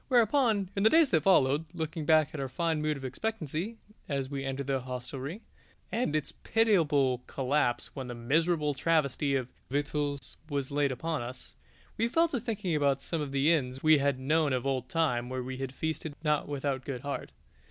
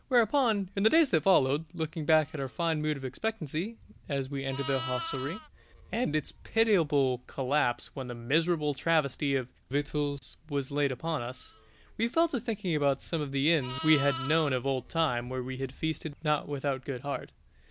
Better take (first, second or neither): first